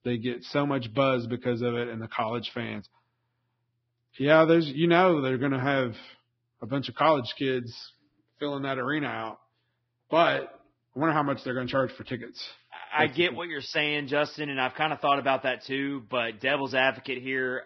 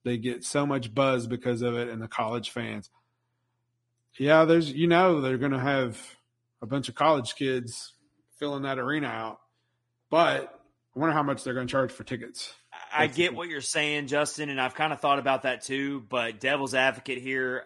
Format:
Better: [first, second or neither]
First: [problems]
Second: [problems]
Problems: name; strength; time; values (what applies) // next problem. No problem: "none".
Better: second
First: garbled, watery; badly; nothing above 5.5 kHz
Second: garbled, watery; slightly; nothing above 10 kHz